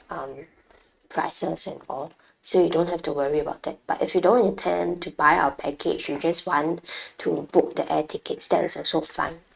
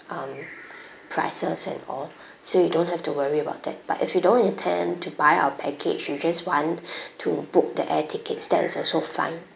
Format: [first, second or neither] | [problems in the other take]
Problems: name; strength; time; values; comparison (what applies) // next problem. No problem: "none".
second | noise reduction (neural mask model RNNoise)